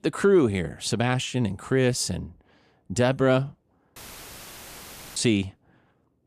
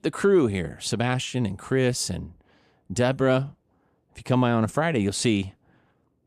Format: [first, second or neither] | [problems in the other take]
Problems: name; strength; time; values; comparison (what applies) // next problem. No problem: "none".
second | audio cutting out; filled with static; at 4 s for 1 s